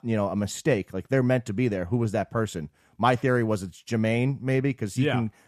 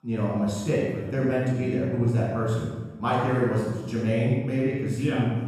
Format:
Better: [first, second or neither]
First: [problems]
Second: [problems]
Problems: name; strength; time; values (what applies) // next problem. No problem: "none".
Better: first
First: none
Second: room echo; strong; dies away in 1.2 s // off-mic speech; far